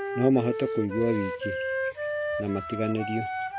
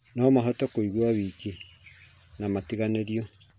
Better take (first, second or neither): second